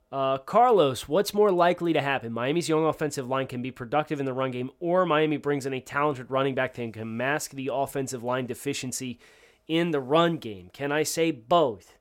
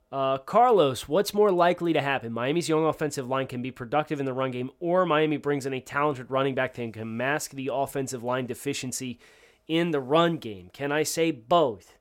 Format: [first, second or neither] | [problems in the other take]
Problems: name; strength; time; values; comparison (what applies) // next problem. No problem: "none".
neither | none